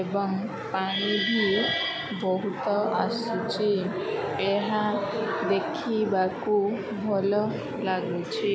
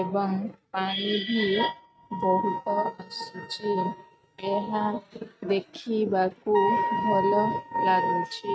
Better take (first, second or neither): first